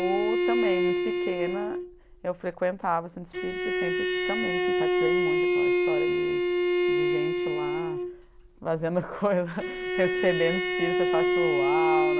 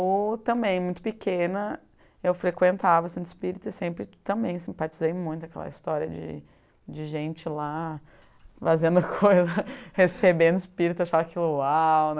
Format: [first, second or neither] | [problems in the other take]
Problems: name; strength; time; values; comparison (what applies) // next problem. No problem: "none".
second | background sound (Bowed string instrument); 5 dB above the speech